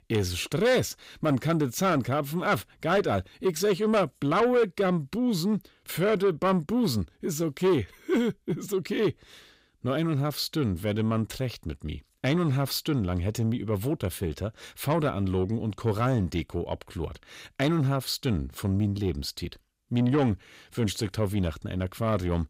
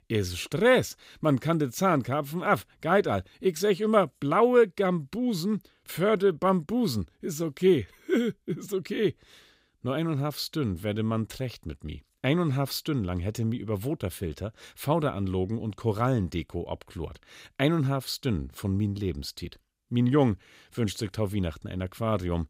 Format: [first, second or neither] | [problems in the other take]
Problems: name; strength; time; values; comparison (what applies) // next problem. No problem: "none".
second | distortion; slight; 10 dB below the speech